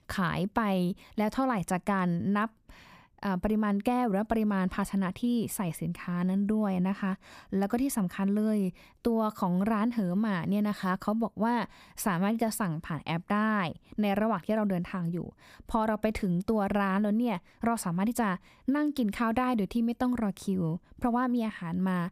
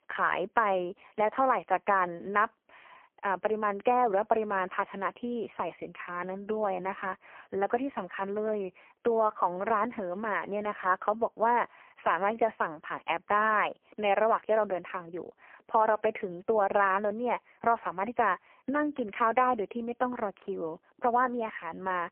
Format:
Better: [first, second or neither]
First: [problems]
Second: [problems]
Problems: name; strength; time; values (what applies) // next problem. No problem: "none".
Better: first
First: none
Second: phone-call audio; poor line; nothing above 3 kHz